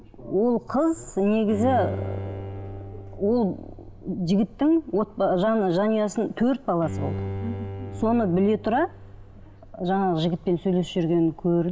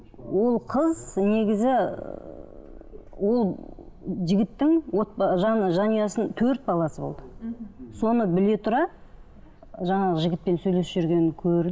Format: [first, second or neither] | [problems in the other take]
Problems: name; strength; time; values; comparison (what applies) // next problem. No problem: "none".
second | background sound (Bowed string instrument); 13 dB below the speech